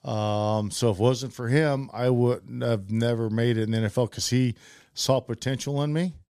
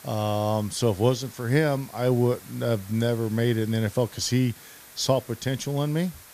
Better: first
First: none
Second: hiss; noticeable; throughout; 20 dB below the speech

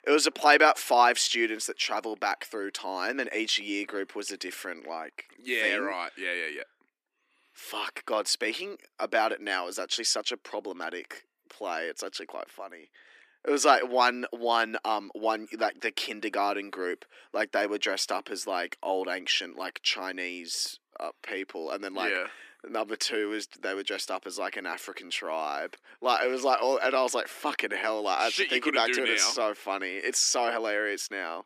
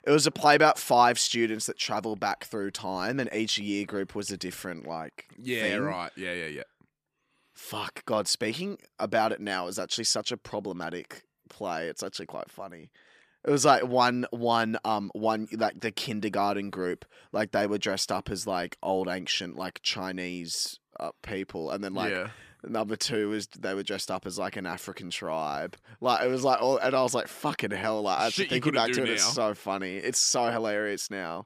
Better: second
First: thin; very slightly; fading below 250 Hz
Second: none

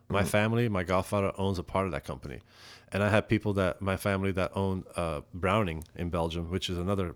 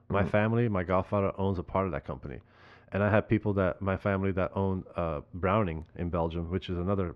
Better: first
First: none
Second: muffled; very; fading above 2 kHz

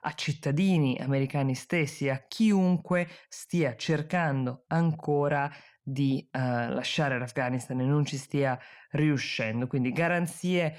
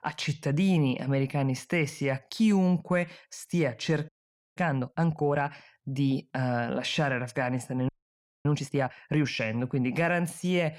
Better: first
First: none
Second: audio freezing; at 4 s and at 8 s for 0.5 s

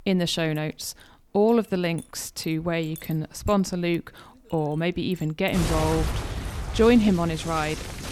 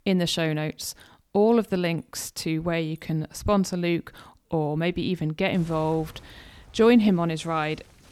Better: second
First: household noises; loud; throughout; 7 dB below the speech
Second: household noises; faint; throughout; 25 dB below the speech

